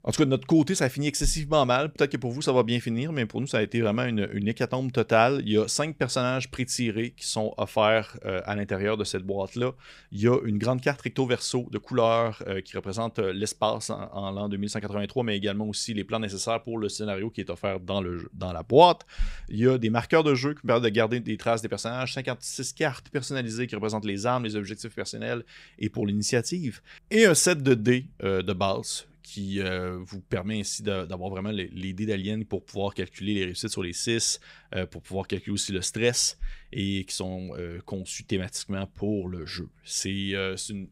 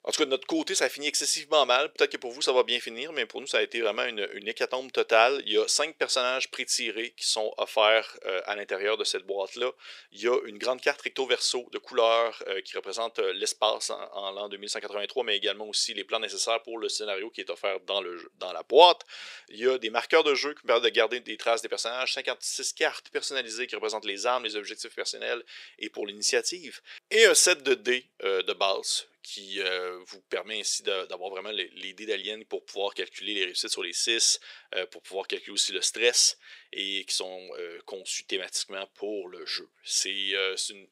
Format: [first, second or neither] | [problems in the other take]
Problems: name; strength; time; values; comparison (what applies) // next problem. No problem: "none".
first | thin; very; fading below 400 Hz